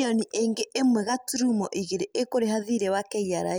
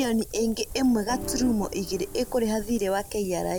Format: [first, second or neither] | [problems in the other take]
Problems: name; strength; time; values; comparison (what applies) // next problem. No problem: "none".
first | background sound (Wind + Organ); 12 dB below the speech